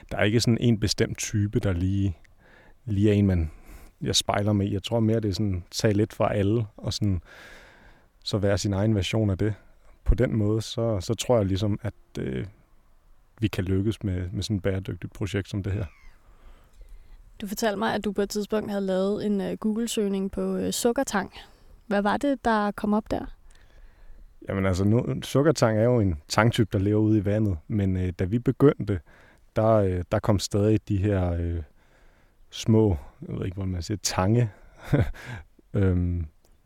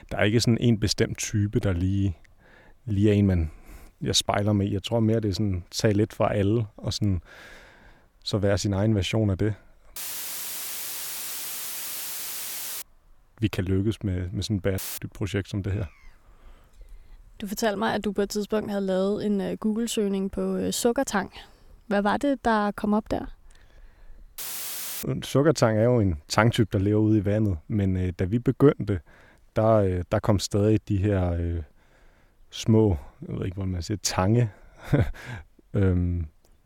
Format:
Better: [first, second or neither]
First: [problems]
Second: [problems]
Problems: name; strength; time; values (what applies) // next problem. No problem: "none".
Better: first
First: none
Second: audio cutting out; filled with static; at 10 s for 3 s, at 15 s and at 24 s for 0.5 s